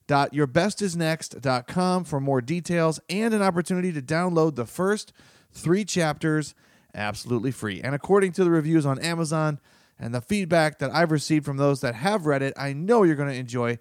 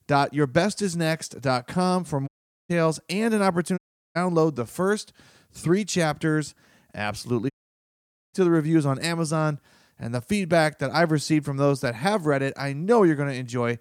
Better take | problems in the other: first | audio cutting out; at 2.5 s, at 4 s and at 7.5 s for 1 s

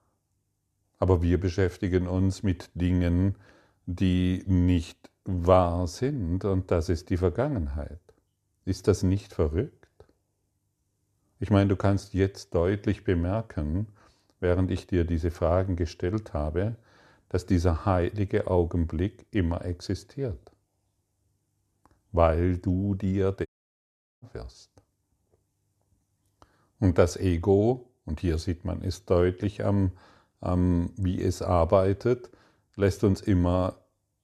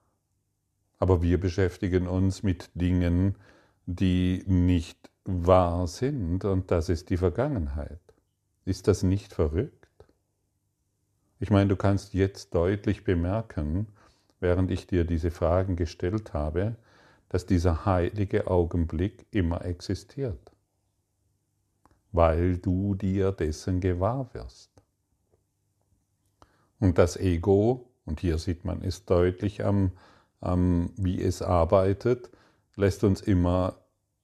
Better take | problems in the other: second | audio cutting out; at 23 s for 1 s

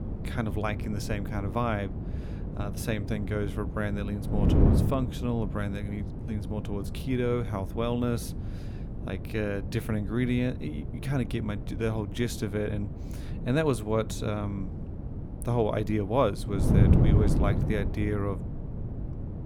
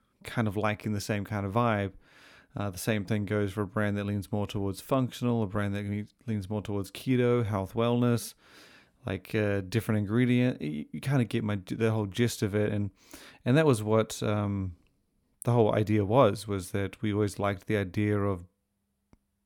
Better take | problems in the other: second | wind noise on the microphone; heavy; 7 dB below the speech

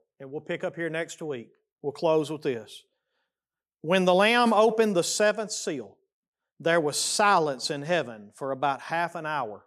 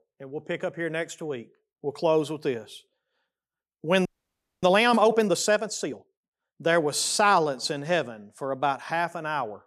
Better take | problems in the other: first | audio freezing; at 4 s for 0.5 s

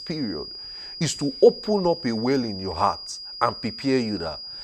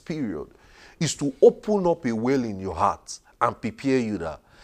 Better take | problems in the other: second | high-pitched whine; noticeable; throughout; 5 kHz, 10 dB below the speech

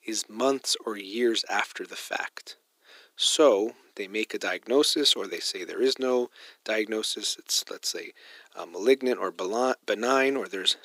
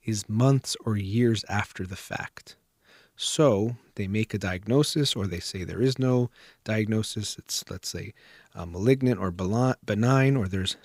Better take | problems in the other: second | thin; somewhat; fading below 300 Hz

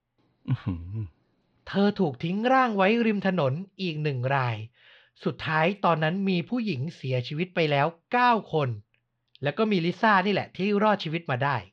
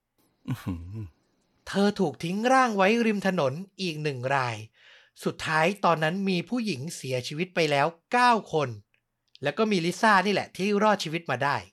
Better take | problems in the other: second | muffled; very slightly; fading above 3.5 kHz

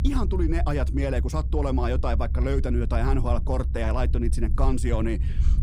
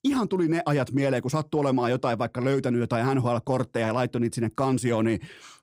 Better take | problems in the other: second | low rumble; noticeable; throughout; 15 dB below the speech

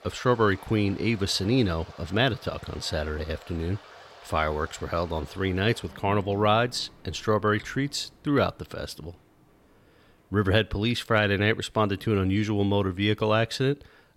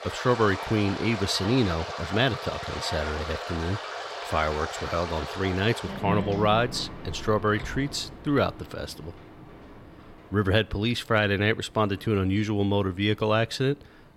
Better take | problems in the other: first | rain or running water; loud; throughout; 8 dB below the speech; faint in the first

